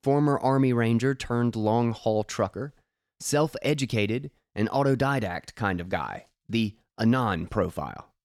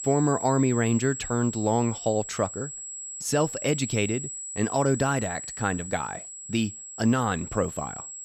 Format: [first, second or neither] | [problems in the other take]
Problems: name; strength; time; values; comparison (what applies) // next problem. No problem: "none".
first | high-pitched whine; loud; throughout; 7.5 kHz, 8 dB below the speech